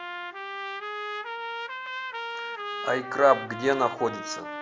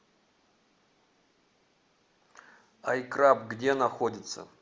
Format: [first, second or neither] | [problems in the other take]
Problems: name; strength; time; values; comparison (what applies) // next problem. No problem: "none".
second | background sound (Trumpet); 6 dB below the speech